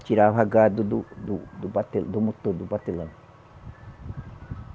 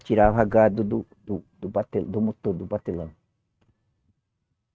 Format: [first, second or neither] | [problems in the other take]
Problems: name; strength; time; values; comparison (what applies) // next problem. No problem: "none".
first | noise reduction (neural mask model RNNoise)